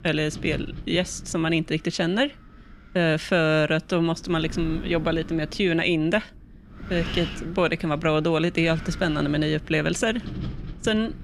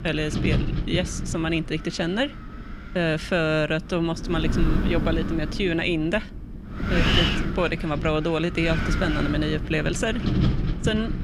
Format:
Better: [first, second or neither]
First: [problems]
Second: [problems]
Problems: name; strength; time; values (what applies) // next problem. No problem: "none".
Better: first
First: wind noise on the microphone; occasional gusts; 15 dB below the speech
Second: wind noise on the microphone; heavy; 4 dB below the speech